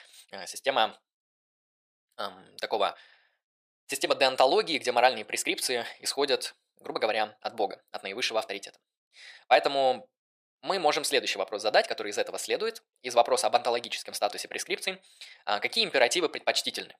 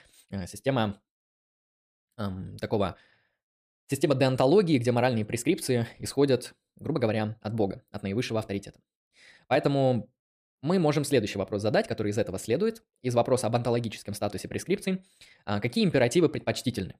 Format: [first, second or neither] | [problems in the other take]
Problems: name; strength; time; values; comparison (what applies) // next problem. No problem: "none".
second | thin; very; fading below 700 Hz